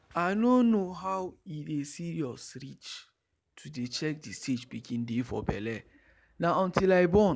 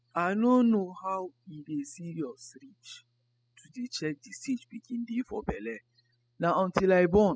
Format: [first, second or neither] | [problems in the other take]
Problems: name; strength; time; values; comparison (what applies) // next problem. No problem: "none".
first | noise reduction (classical method spectral subtraction)